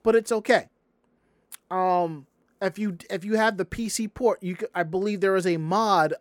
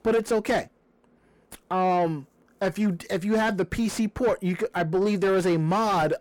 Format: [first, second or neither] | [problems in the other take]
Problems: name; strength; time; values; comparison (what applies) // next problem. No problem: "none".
first | distortion; heavy; 7 dB below the speech